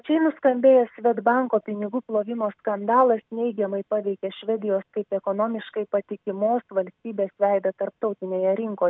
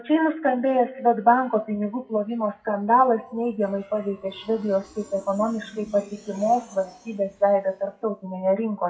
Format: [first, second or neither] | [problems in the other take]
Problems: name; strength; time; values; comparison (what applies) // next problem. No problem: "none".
first | noise reduction (classical method WPE with log-MMSE)